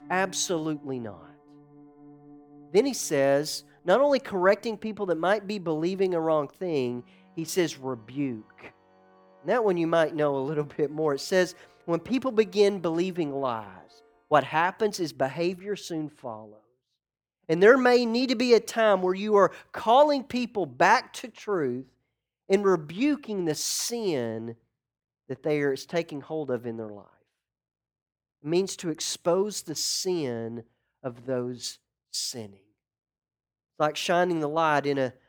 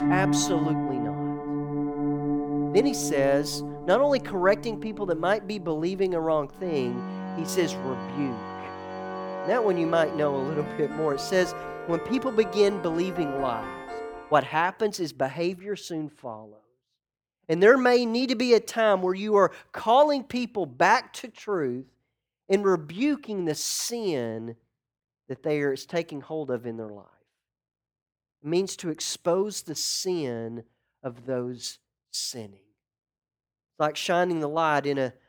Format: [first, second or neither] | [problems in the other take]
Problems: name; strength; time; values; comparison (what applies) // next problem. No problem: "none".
first | background music; loud; until 14 s; 6 dB below the speech; faint in the first